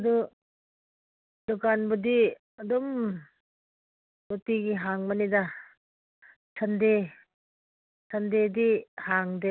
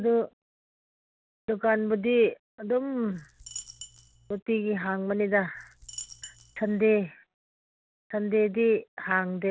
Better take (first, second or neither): first